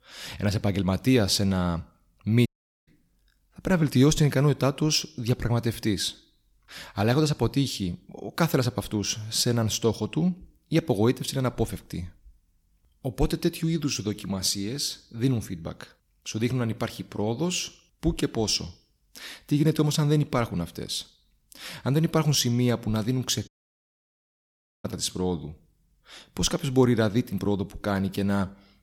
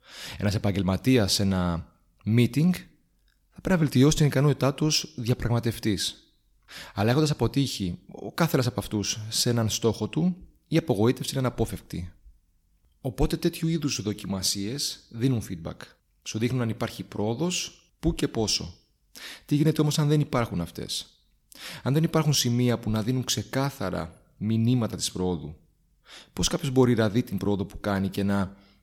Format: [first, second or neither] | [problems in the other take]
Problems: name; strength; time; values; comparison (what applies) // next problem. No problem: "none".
second | audio cutting out; at 2.5 s and at 23 s for 1.5 s